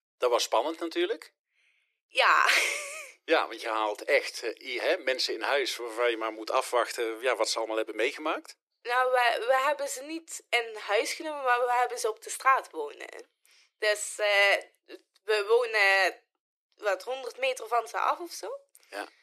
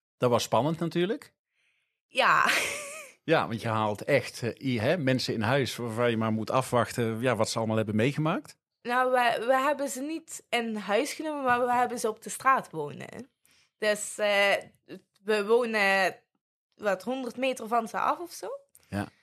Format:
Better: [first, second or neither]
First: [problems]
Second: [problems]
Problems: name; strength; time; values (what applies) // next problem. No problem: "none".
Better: second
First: thin; very; fading below 350 Hz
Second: none